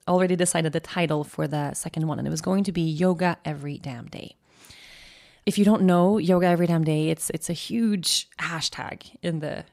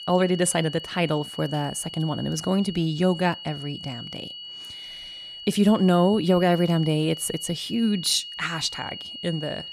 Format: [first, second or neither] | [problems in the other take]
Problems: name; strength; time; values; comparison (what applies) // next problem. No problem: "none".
first | high-pitched whine; noticeable; throughout; 3 kHz, 10 dB below the speech